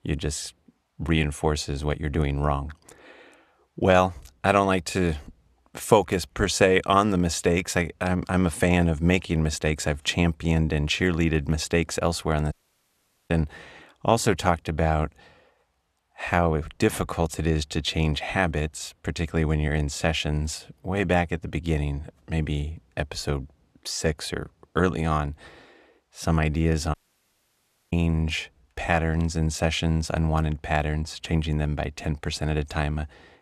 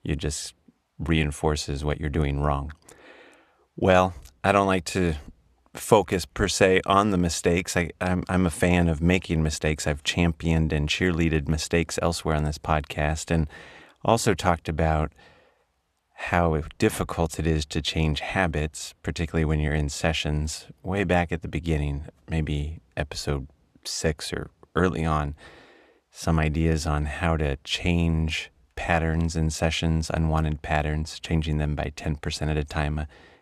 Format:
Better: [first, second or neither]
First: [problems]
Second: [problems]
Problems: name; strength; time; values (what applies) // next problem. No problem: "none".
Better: second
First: audio cutting out; at 13 s for 1 s and at 27 s for 1 s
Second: none